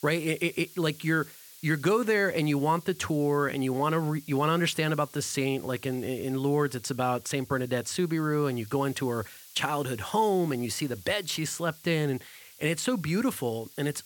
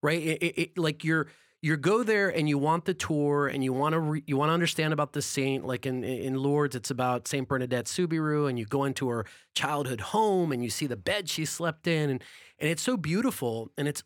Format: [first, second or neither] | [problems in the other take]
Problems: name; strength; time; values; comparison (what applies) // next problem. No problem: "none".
second | hiss; noticeable; throughout; 20 dB below the speech